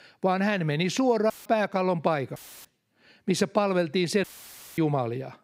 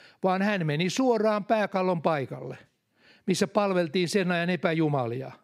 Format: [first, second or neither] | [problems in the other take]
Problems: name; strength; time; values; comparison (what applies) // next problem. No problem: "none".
second | audio cutting out; filled with static; at 1.5 s, at 2.5 s and at 4 s for 0.5 s